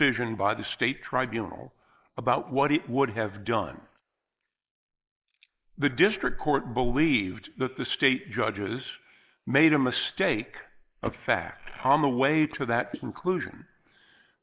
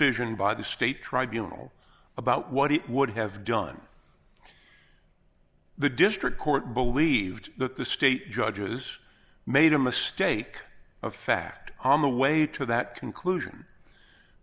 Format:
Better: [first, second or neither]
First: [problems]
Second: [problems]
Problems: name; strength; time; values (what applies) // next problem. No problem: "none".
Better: second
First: noise reduction (neural mask model Resemble Enhance denoiser)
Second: none